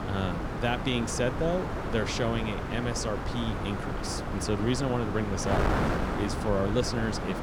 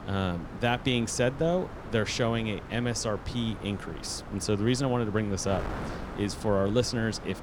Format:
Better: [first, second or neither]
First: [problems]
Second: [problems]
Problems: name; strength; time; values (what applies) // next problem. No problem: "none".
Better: second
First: wind noise on the microphone; heavy; 1 dB below the speech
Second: wind noise on the microphone; occasional gusts; 10 dB below the speech